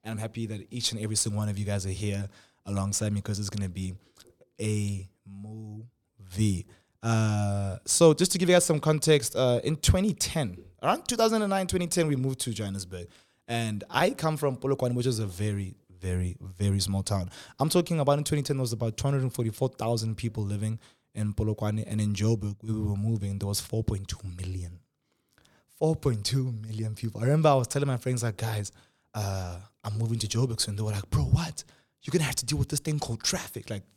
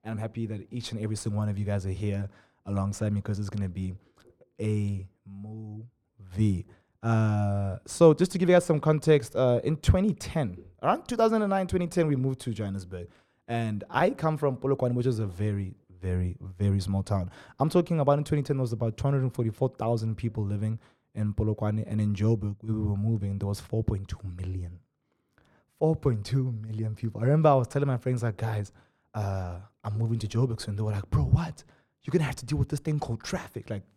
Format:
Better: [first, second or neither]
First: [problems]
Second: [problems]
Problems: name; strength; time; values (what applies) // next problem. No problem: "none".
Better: first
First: none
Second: muffled; slightly; fading above 2.5 kHz